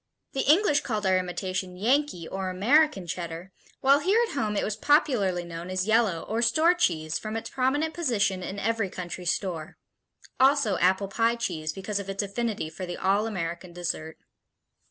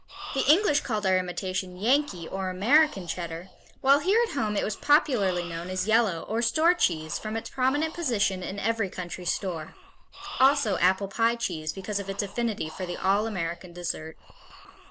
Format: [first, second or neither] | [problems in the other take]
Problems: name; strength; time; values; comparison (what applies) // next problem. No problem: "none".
first | background sound (Breathing); 17 dB below the speech